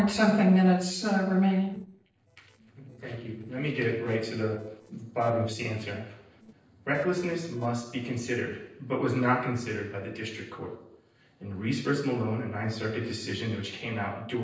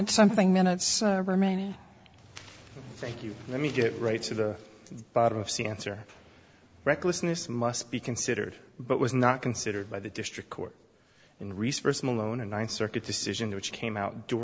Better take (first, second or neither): second